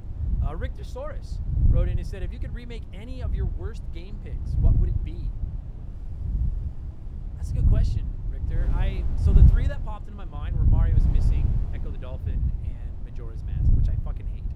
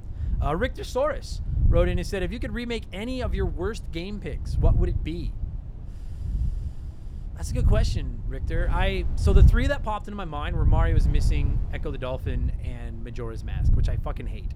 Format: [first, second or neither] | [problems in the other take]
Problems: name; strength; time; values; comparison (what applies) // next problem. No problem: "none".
second | wind noise on the microphone; heavy; 1 dB above the speech; occasional gusts in the second